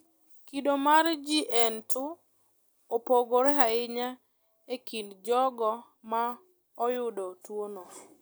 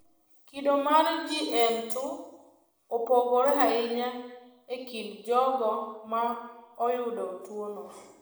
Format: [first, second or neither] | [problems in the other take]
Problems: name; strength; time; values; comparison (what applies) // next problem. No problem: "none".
first | room echo; dies away in 1 s